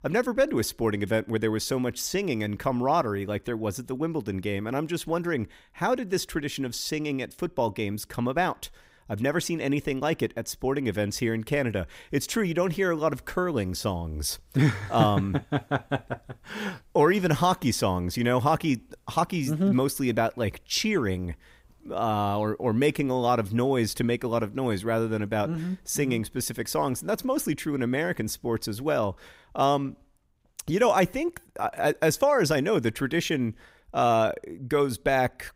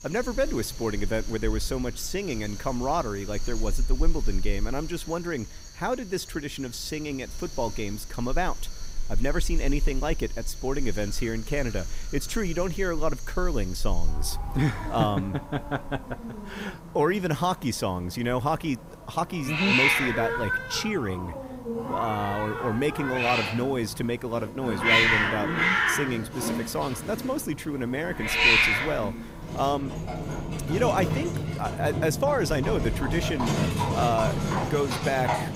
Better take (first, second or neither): first